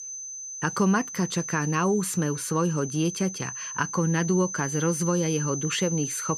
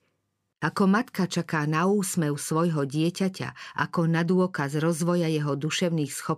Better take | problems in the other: second | high-pitched whine; loud; throughout; 6 kHz, 7 dB below the speech

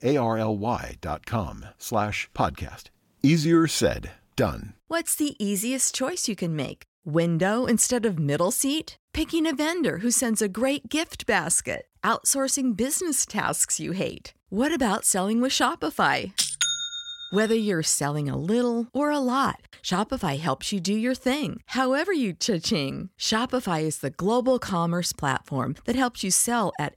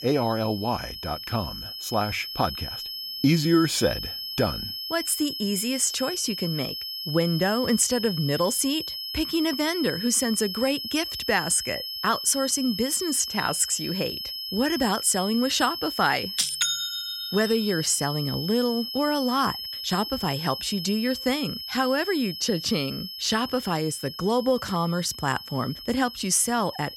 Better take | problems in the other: first | high-pitched whine; loud; throughout; 5 kHz, 6 dB below the speech

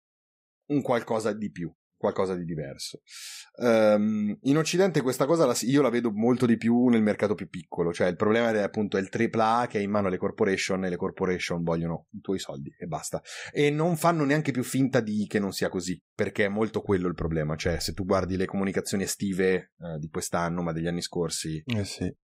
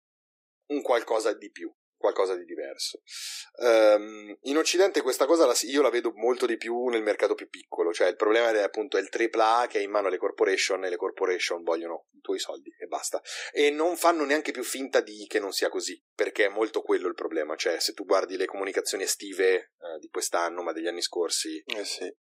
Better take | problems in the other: first | thin; very; fading below 300 Hz

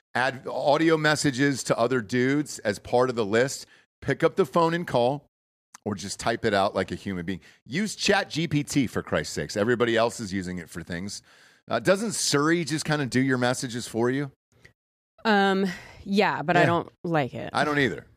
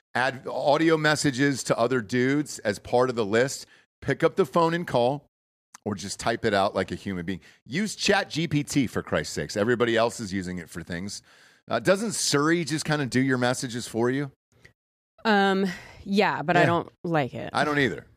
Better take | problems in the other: neither | none

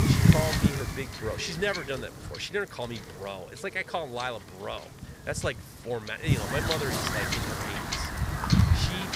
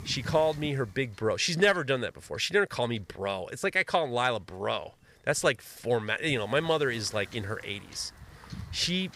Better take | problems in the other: second | wind noise on the microphone; heavy; 2 dB above the speech; occasional gusts in the second

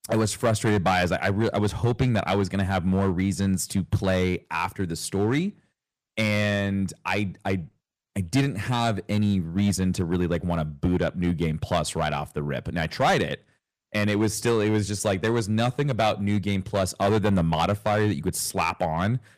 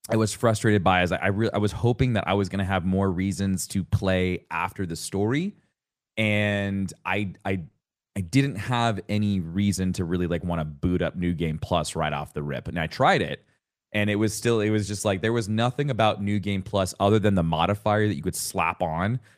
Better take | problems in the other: second | distortion; slight; 4% of the sound clipped

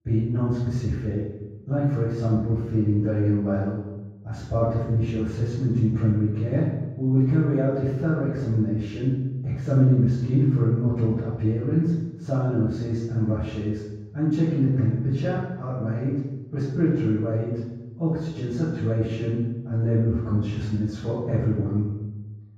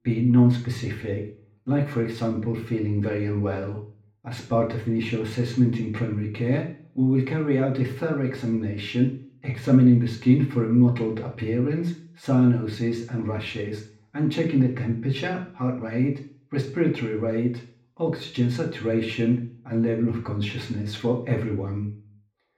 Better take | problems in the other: second | room echo; strong; dies away in 1.3 s; slight in the second // off-mic speech; far; far in the second

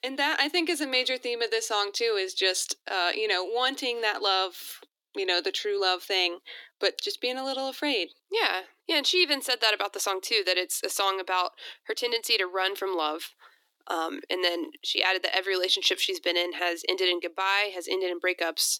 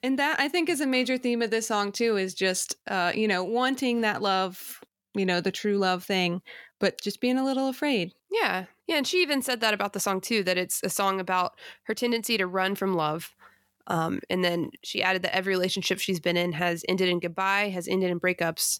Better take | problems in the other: second | thin; somewhat; fading below 300 Hz

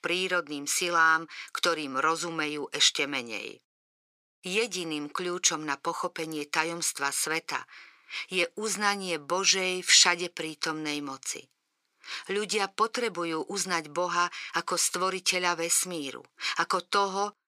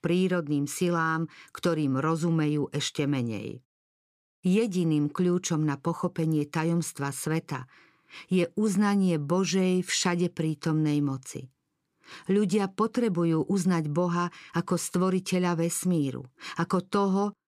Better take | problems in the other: second | thin; very; fading below 550 Hz

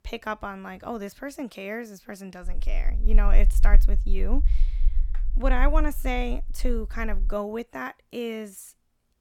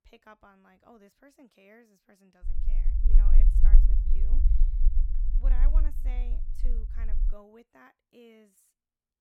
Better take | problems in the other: first | low rumble; loud; from 2.5 to 7.5 s; as loud as the speech; faint in the first

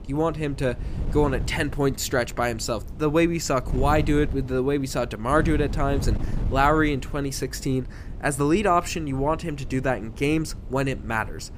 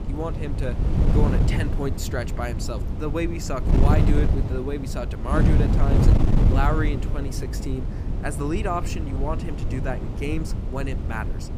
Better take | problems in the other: first | wind noise on the microphone; heavy; 3 dB below the speech; occasional gusts in the first

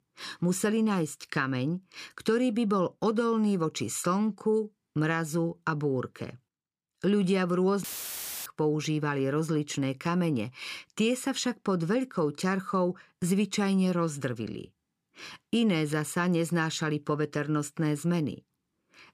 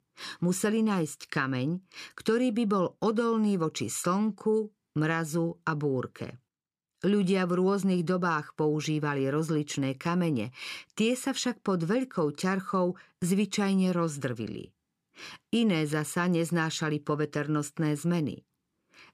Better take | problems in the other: second | audio cutting out; filled with static; at 8 s for 0.5 s

